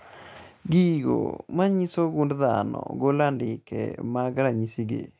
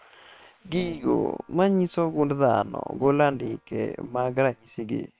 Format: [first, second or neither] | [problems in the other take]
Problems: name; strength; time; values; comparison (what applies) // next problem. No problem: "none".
first | noise reduction (neural separator model SepFormer WHAM!)